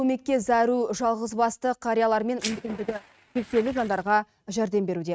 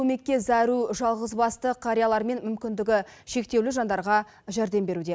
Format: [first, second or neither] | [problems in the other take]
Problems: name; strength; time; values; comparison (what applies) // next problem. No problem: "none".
second | noise reduction (neural mask model RNNoise)